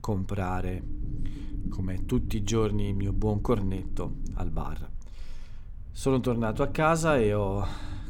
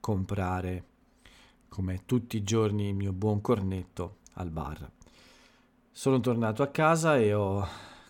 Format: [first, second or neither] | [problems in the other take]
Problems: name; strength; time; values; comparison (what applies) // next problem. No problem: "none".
second | low rumble; noticeable; throughout; 20 dB below the speech